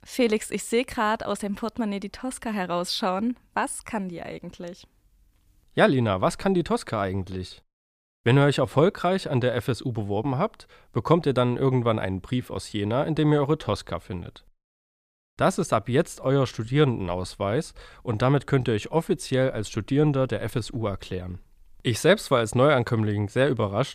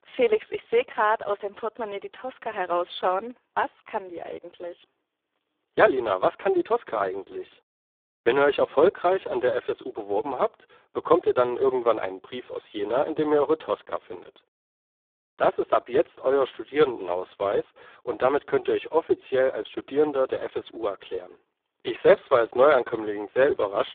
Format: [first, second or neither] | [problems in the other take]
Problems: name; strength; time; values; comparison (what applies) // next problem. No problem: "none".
first | phone-call audio; poor line; nothing above 3.5 kHz